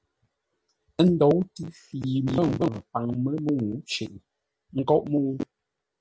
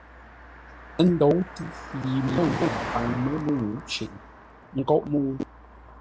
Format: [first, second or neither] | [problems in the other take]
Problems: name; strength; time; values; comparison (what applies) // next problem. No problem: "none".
first | background sound (Car passing by); 11 dB below the speech